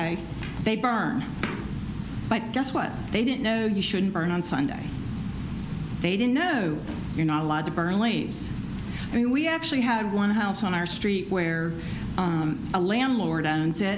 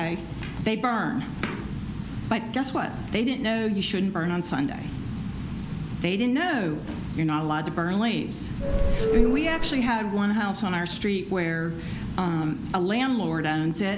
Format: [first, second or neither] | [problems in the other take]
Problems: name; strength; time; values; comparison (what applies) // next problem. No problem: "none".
first | background sound (Subway, metro, underground / Doorbell); 3 dB above the speech